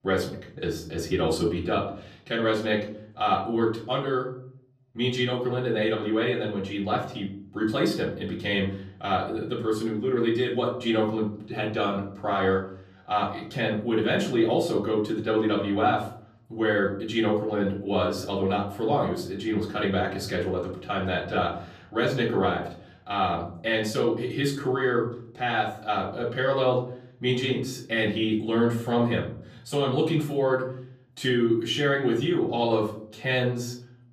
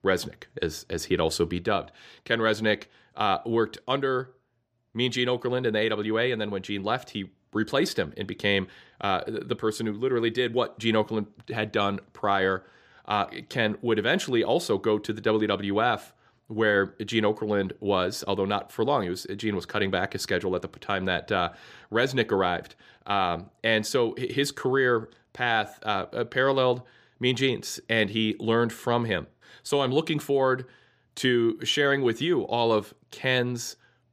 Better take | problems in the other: second | off-mic speech; far // room echo; slight; dies away in 0.6 s

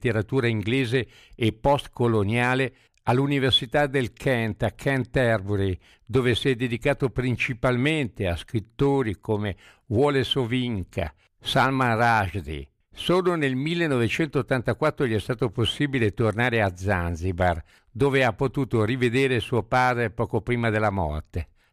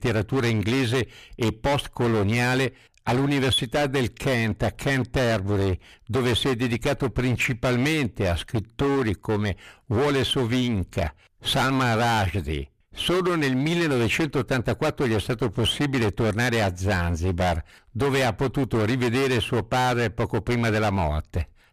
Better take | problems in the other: first | distortion; heavy; 24% of the sound clipped

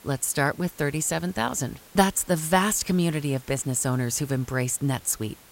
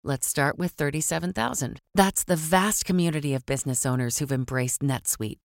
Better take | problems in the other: second | hiss; faint; throughout; 25 dB below the speech

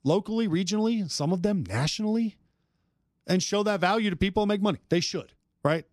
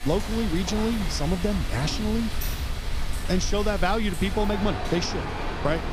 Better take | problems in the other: first | rain or running water; loud; throughout; 4 dB below the speech

